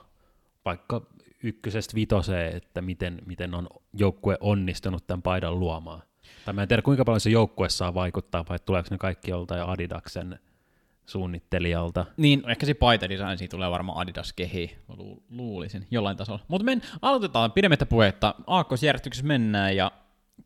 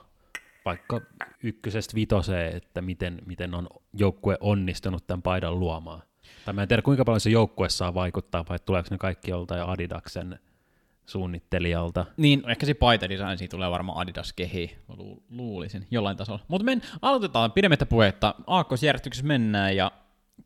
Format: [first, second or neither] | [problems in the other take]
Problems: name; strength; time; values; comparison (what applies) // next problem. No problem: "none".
first | clattering dishes; faint; at 0.5 s; peak 15 dB below the speech